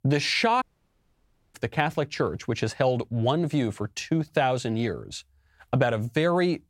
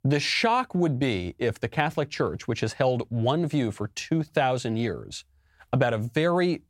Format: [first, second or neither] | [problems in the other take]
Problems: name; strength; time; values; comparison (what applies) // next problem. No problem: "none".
second | audio cutting out; at 0.5 s for 1 s